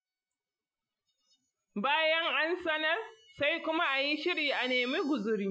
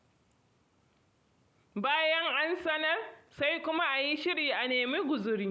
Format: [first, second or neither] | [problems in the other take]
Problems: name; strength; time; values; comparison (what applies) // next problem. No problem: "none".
second | noise reduction (classical method Wiener filter)